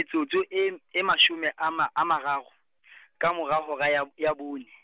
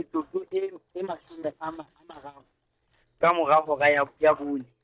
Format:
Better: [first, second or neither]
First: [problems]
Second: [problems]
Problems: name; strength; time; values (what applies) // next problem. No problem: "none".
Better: first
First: none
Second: noise reduction (neural mask model DeepFilterNet 3)